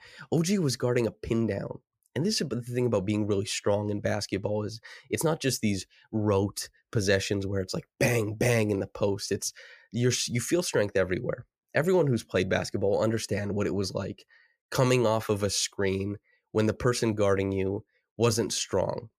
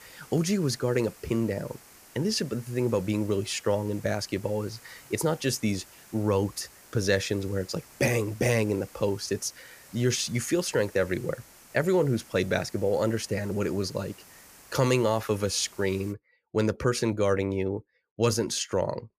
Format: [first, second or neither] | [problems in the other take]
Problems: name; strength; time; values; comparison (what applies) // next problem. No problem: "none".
first | hiss; faint; until 16 s; 20 dB below the speech